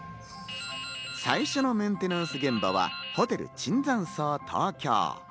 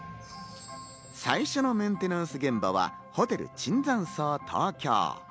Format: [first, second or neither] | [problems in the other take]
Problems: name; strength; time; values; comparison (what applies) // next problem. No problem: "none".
second | background sound (Drip); 10 dB below the speech